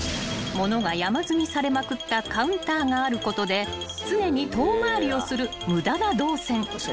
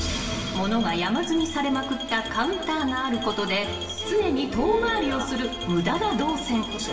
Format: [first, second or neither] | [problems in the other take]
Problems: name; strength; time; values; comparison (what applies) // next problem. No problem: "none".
first | room echo; dies away in 2.3 s